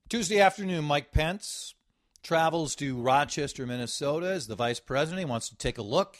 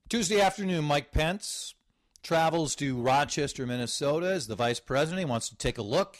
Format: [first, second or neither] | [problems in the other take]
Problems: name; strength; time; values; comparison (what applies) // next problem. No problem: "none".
first | distortion; slight; 4% of the sound clipped